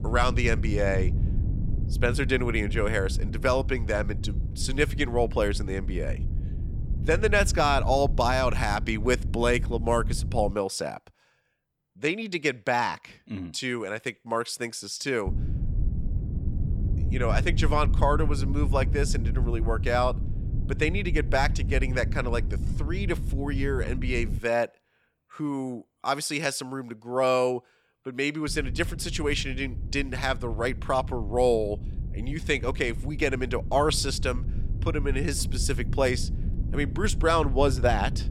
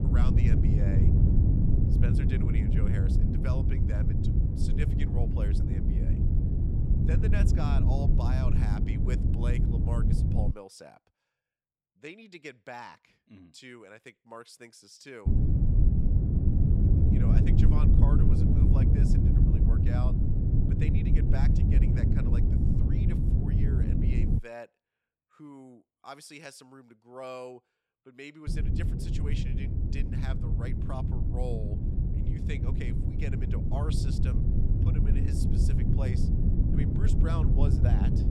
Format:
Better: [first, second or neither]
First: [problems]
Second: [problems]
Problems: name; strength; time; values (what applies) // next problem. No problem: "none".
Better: first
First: wind noise on the microphone; occasional gusts; until 11 s, from 15 to 24 s and from 28 s on; 15 dB below the speech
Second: wind noise on the microphone; heavy; until 11 s, from 15 to 24 s and from 28 s on; 4 dB above the speech